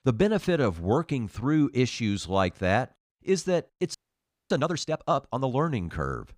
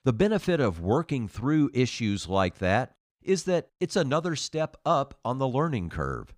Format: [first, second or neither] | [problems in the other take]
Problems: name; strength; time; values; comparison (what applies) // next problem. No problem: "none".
second | audio freezing; at 4 s for 0.5 s